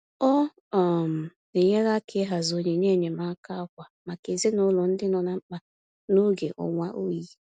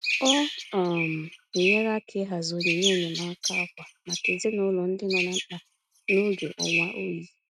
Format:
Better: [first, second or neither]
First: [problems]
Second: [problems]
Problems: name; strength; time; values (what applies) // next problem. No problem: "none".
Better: first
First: none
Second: noise reduction (neural mask model RNNoise)